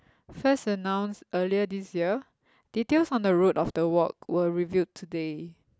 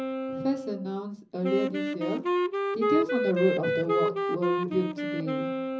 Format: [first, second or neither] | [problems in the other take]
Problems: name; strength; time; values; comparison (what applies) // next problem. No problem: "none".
first | background sound (Wind instrument, woodwind instrument); 2 dB above the speech // room echo; dies away in 0.5 s